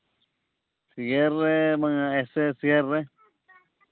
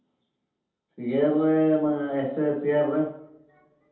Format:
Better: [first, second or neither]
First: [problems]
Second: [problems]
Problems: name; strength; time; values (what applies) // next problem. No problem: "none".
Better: first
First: none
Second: room echo; dies away in 0.8 s